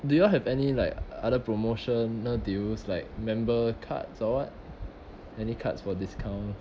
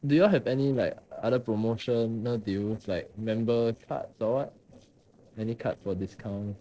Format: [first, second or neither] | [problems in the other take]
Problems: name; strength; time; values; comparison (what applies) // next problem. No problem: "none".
first | noise reduction (neural separator model SepFormer DNS4)